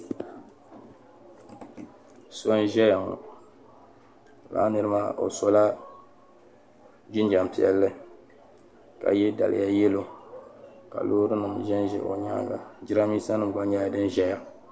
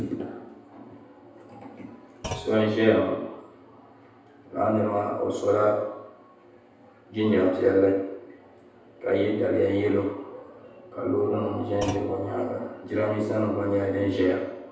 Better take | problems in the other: first | background sound (Thump, thud); 15 dB below the speech // room echo; dies away in 0.9 s

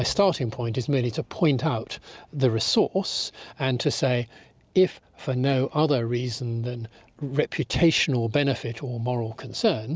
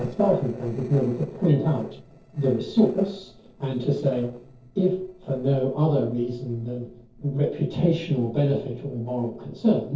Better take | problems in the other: first | noise reduction (neural separator model SepFormer DNS4)

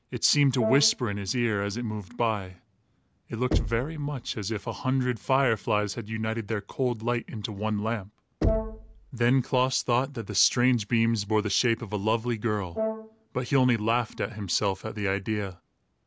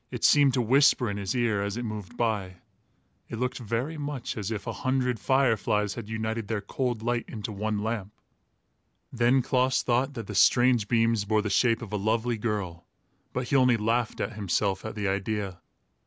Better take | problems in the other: second | background sound (Brass instrument + Knock); 7 dB below the speech

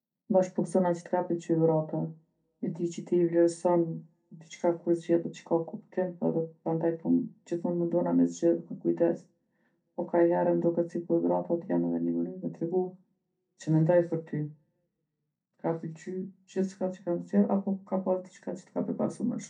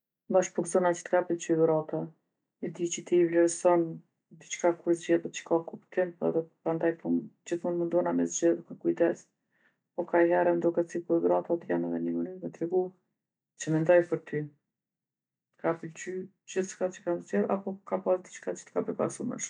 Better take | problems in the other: second | room echo; dies away in 0.2 s

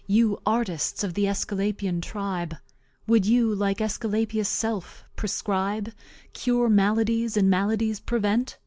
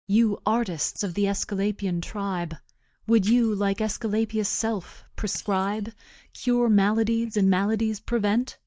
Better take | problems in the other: first | noise reduction (neural mask model DeepFilterNet 3)

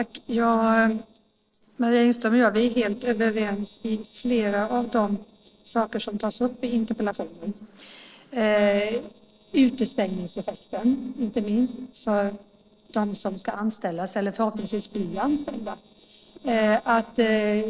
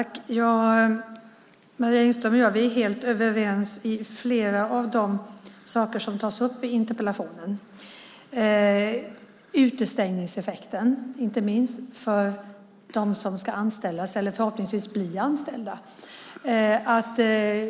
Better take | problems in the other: second | noise reduction (neural separator model SepFormer DNS4)

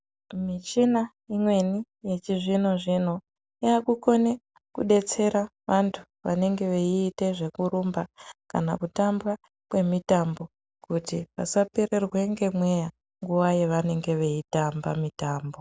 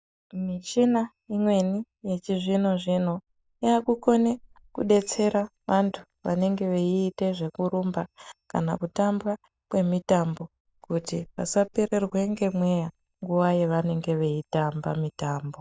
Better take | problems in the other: first | noise reduction (neural mask model DeepFilterNet 3)

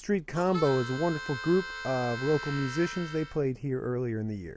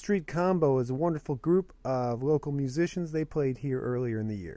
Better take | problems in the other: second | background sound (Harmonica); 10 dB below the speech

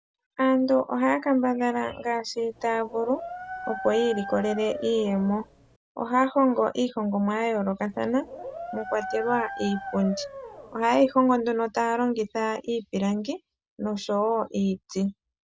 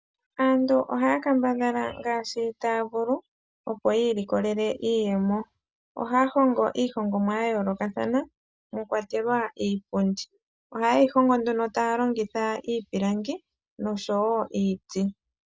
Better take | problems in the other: second | background sound (Dog); 11 dB below the speech

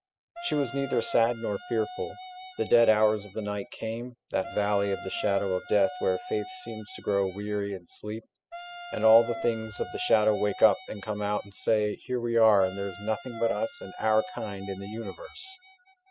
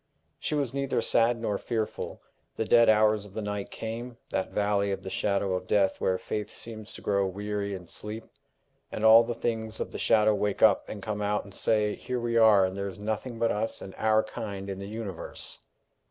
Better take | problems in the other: second | noise reduction (classical method spectral subtraction)

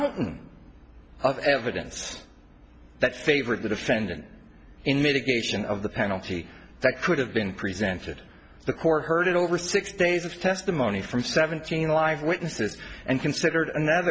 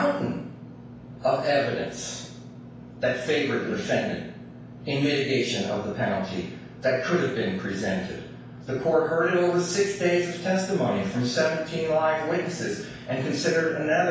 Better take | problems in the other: first | background sound (Engine / Mechanisms); 16 dB below the speech // room echo; dies away in 0.7 s

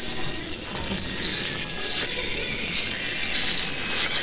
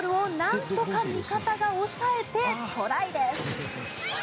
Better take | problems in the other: second | noise reduction (neural separator model SepFormer WHAMR!)

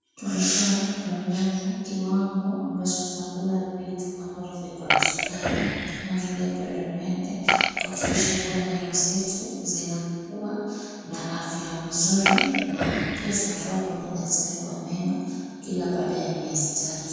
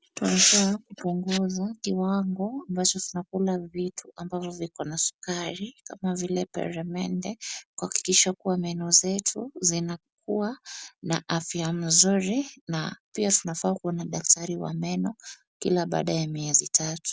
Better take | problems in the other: second | background sound (Burping, eructation); as loud as the speech // room echo; dies away in 2.1 s

